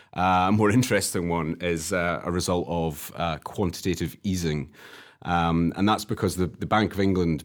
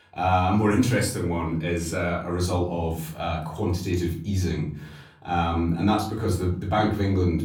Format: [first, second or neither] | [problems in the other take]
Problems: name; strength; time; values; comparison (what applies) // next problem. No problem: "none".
first | off-mic speech; far // room echo; slight; dies away in 0.5 s